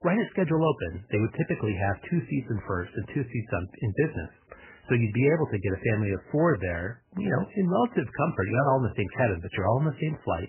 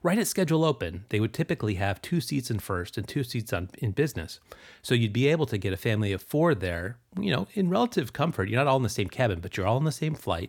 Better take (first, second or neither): second